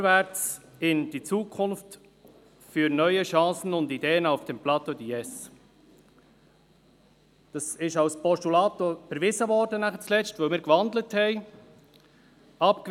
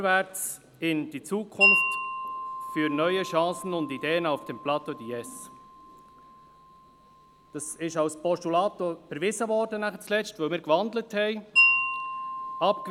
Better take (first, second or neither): first